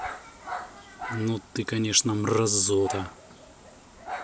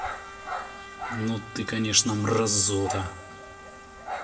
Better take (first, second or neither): first